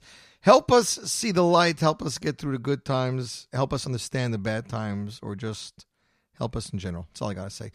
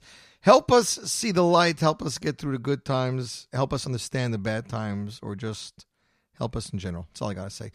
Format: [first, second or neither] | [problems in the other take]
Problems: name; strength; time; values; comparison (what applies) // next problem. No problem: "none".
neither | none